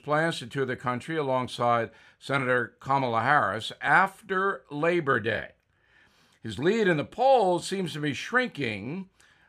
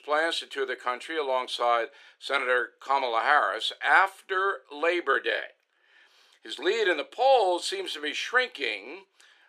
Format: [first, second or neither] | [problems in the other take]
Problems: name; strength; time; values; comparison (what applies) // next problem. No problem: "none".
first | thin; very; fading below 350 Hz